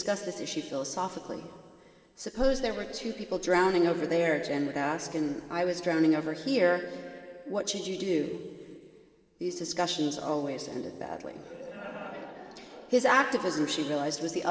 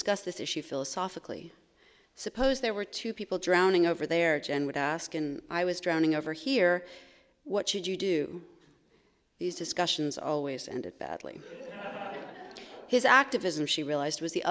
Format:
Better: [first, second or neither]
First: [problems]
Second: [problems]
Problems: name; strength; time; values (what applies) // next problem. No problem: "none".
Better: second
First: room echo; dies away in 2.7 s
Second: none